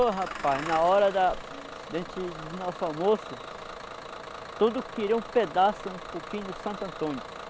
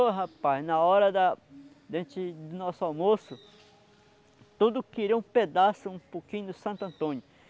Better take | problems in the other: second | background sound (Engine starting / Bus); 11 dB below the speech

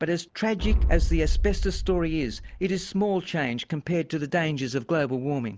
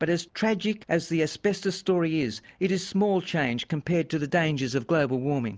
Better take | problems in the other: second | background sound (Boom); 1 dB above the speech

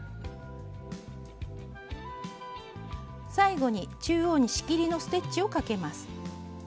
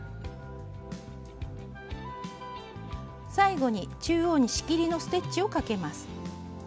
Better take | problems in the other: first | background sound (Organ); 19 dB below the speech

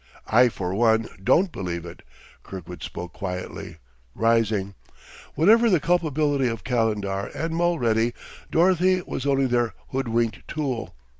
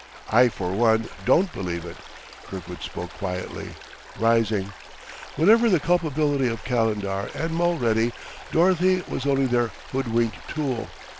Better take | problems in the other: first | background sound (Stream); 18 dB below the speech

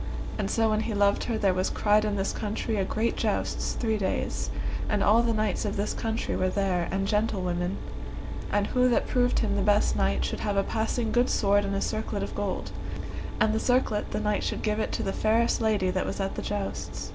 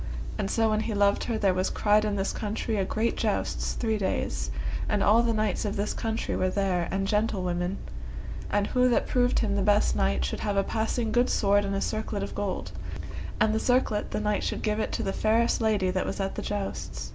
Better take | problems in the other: second | background sound (Mechanisms); 15 dB below the speech

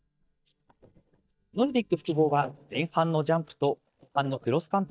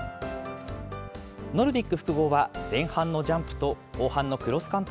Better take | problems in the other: second | noise reduction (neural mask model DeepFilterNet 3)

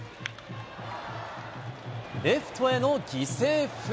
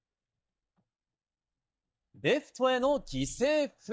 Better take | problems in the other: first | noise reduction (neural mask model DeepFilterNet 3)

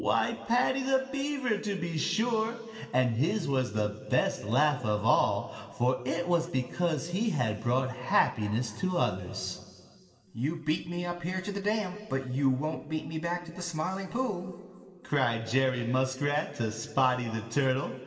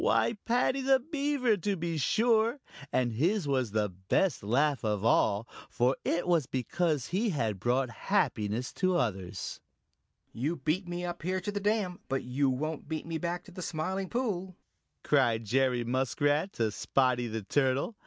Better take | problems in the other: second | room echo; dies away in 2.2 s

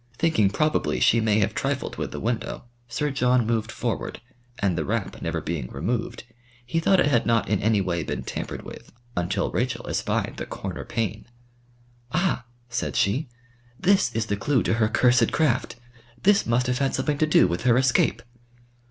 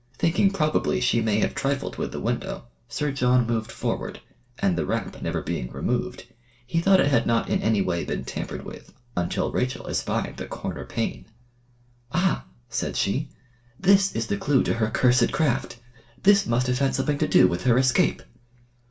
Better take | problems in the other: first | room echo; dies away in 0.2 s

